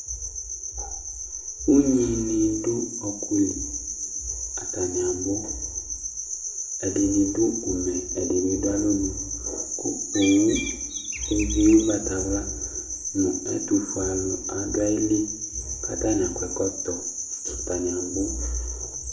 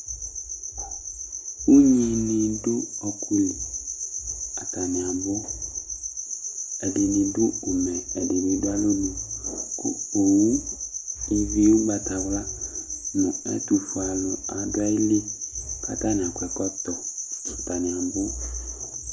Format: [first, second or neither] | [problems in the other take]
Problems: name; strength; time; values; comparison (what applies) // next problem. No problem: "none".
second | background sound (Bird); 12 dB below the speech // room echo; dies away in 0.7 s